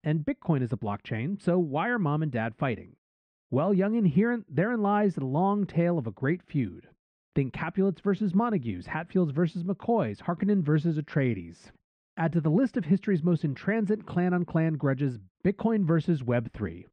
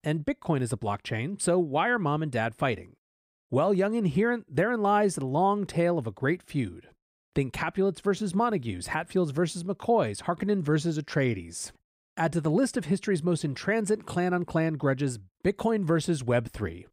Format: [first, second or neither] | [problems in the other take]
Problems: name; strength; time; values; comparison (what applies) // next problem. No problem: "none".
second | muffled; slightly; fading above 2.5 kHz